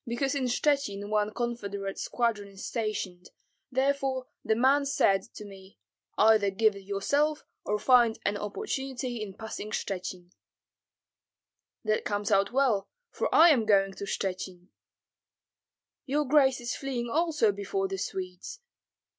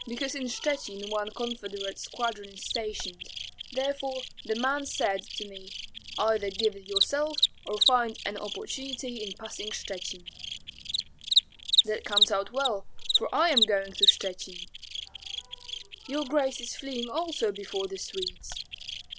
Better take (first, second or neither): first